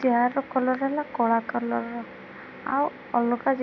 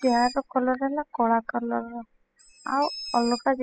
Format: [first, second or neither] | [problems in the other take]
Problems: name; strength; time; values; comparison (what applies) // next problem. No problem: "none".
first | noise reduction (classical method spectral subtraction)